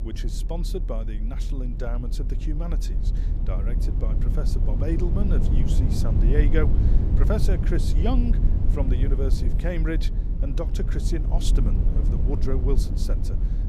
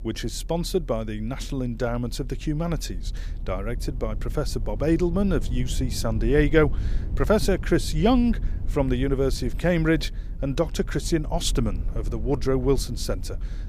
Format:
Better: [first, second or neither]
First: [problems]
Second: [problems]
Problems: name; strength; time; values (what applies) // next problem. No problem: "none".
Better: second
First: low rumble; loud; throughout; 5 dB below the speech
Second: low rumble; faint; throughout; 20 dB below the speech